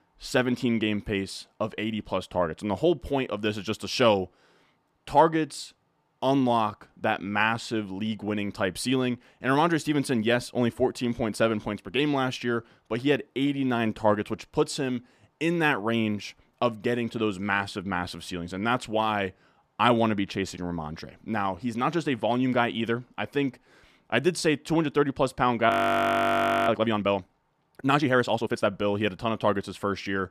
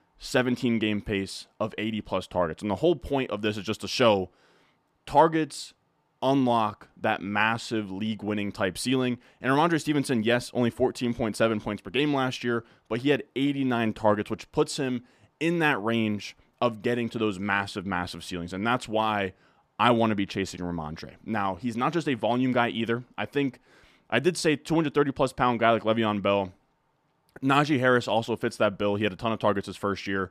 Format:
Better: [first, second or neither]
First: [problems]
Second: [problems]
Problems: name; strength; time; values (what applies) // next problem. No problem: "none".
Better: second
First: audio freezing; at 26 s for 1 s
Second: none